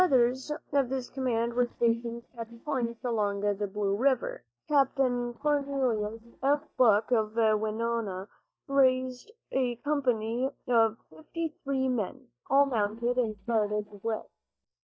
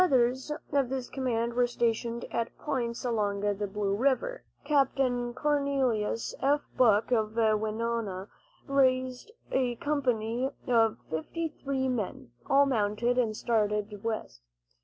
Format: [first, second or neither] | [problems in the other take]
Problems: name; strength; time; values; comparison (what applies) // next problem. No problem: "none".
second | noise reduction (neural mask model DeepFilterNet 3)